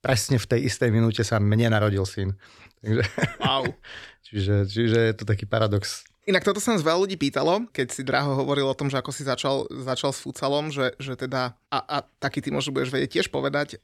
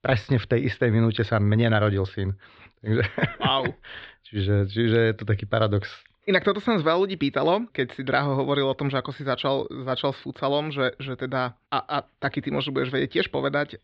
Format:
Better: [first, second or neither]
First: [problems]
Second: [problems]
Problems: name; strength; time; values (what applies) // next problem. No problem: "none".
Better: first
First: none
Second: muffled; slightly; fading above 3.5 kHz